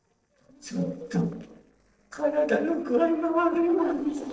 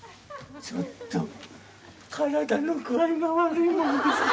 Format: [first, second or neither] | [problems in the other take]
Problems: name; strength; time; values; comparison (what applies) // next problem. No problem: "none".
second | noise reduction (neural separator model SepFormer DNS4)